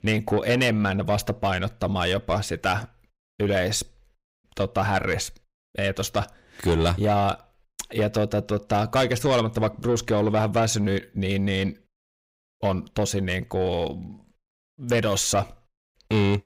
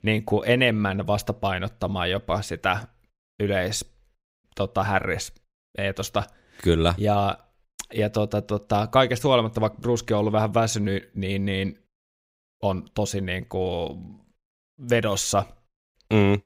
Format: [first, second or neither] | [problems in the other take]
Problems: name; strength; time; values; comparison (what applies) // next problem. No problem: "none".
second | distortion; slight; 10 dB below the speech